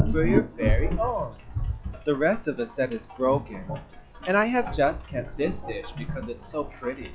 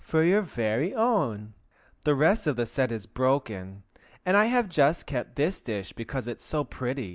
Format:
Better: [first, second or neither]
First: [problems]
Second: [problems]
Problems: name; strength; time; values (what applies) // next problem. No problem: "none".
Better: second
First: noise reduction (classical method log-MMSE)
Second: none